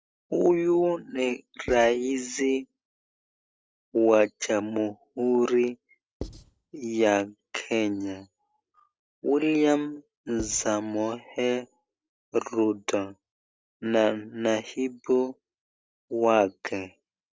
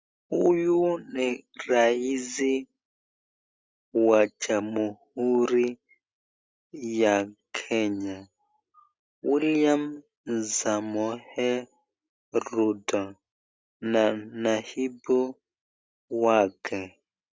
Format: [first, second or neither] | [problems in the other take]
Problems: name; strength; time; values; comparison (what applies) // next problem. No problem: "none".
second | noise reduction (neural separator model SepFormer DNS4)